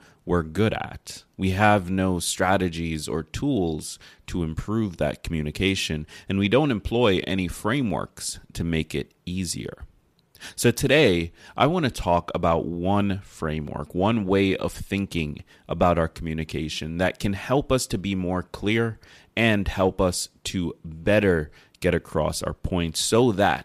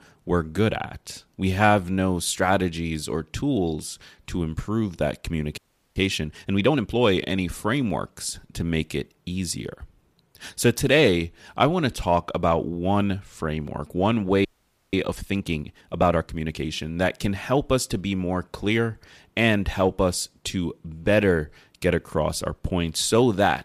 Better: first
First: none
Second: audio freezing; at 5.5 s and at 14 s

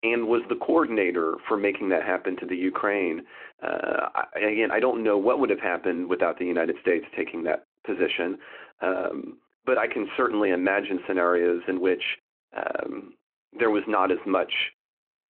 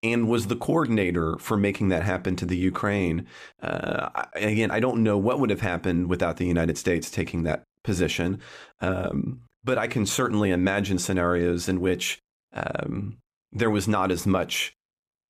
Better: second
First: phone-call audio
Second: none

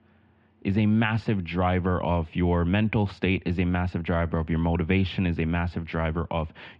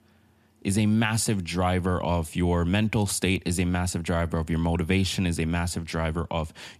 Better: second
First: muffled; very; fading above 3 kHz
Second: none

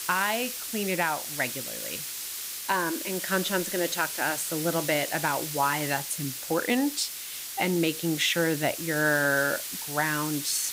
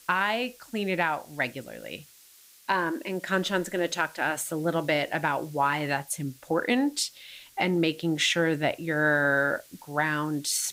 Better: second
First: hiss; loud; throughout; 5 dB below the speech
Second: hiss; faint; throughout; 25 dB below the speech

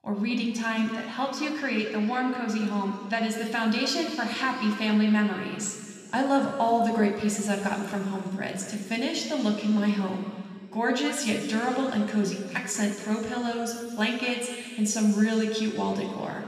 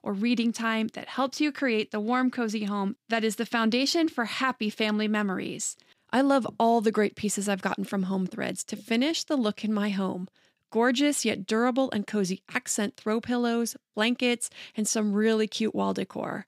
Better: second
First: room echo; noticeable; dies away in 2.2 s // off-mic speech; somewhat distant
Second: none

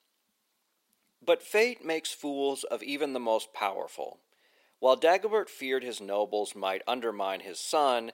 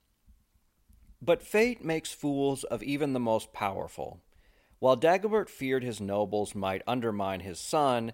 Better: second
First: thin; somewhat; fading below 350 Hz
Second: none

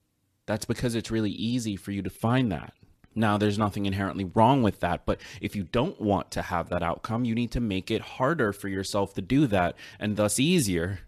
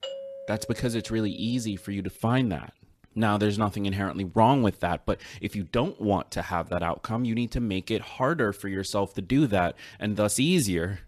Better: first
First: none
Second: doorbell; noticeable; until 1.5 s; peak 9 dB below the speech

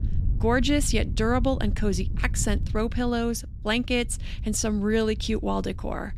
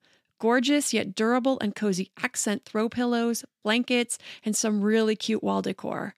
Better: second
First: wind noise on the microphone; occasional gusts; 20 dB below the speech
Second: none

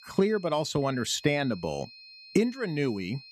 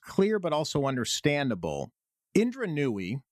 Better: second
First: high-pitched whine; noticeable; throughout; 4 kHz, 20 dB below the speech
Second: none

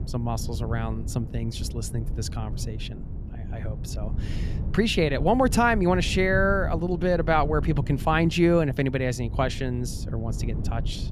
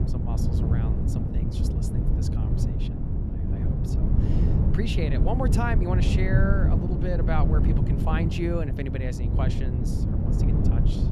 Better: first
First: wind noise on the microphone; occasional gusts; 20 dB below the speech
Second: wind noise on the microphone; heavy; 3 dB below the speech

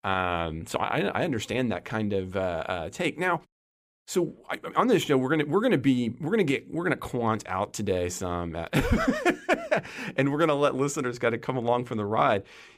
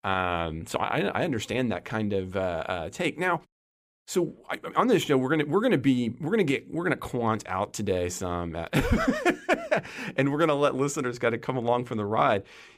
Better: neither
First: none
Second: none

